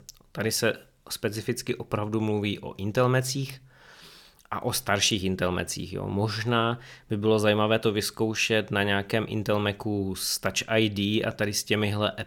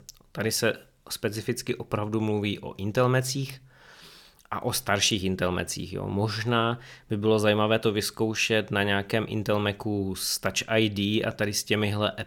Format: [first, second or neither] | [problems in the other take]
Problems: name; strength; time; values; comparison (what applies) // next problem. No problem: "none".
neither | none